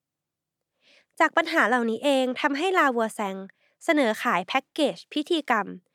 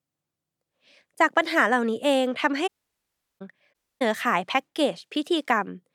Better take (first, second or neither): first